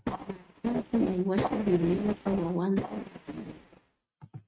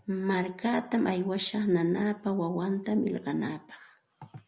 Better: second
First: noise reduction (neural mask model RNNoise)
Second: none

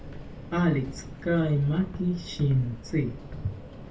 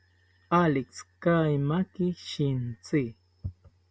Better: second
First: background sound (Subway, metro, underground); 12 dB below the speech // room echo; dies away in 0.2 s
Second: none

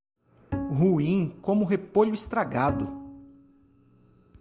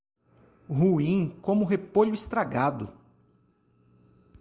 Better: second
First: background sound (Bowed string instrument); 10 dB below the speech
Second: none

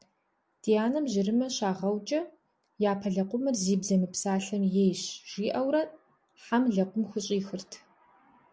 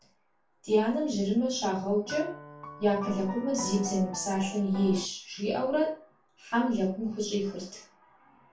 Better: first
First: none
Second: background sound (Piano); 11 dB below the speech // room echo; dies away in 0.3 s

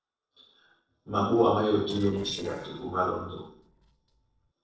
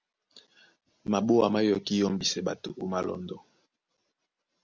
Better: second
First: noise reduction (neural separator model SepFormer DNS4)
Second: none

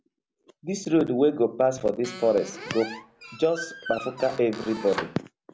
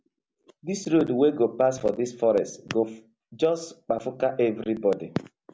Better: second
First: background sound (Squeak); 12 dB below the speech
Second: none

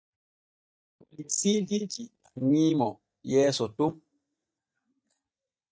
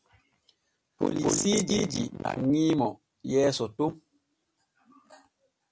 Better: second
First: noise reduction (neural mask model DeepFilterNet 3)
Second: none

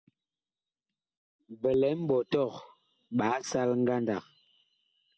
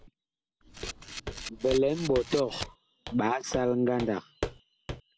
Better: first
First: none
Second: background sound (Walk, footsteps + Camera); 10 dB below the speech

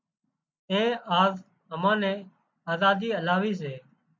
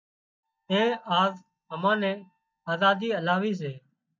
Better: first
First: none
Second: noise reduction (neural mask model DeepFilterNet 3)

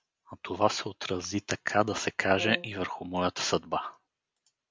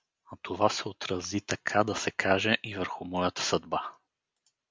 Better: second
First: background sound (Brass instrument); 14 dB below the speech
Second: none

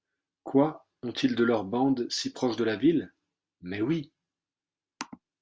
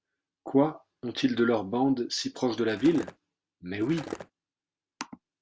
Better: first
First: none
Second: background sound (Skateboard); 11 dB below the speech

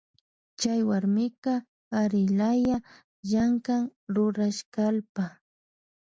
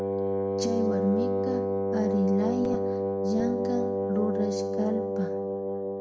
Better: first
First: none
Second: background sound (Wind instrument, woodwind instrument); 3 dB above the speech // room echo; dies away in 0.6 s

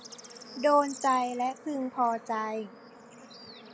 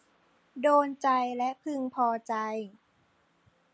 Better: second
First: background sound (Bird / Insect / Frog); 17 dB below the speech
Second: none

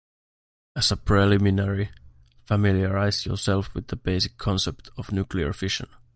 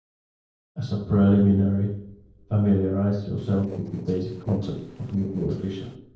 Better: first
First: none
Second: noise reduction (neural separator model SepFormer DNS4)

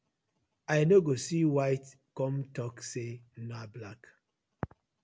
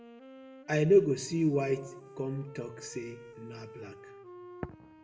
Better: first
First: none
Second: background sound (Wind instrument, woodwind instrument); 18 dB below the speech // room echo; dies away in 1.1 s

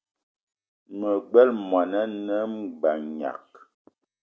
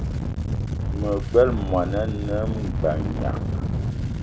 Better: first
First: none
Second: background sound (Engine starting); 1 dB above the speech

